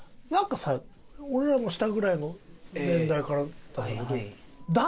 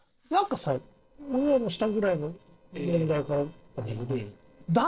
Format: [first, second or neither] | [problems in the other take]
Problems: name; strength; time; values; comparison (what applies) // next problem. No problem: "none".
first | noise reduction (neural separator model SepFormer DNS4)